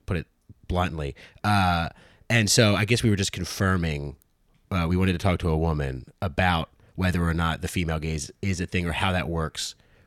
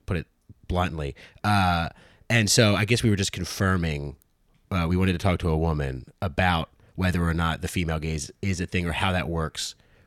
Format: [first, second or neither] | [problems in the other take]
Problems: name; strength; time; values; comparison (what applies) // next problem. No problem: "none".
neither | none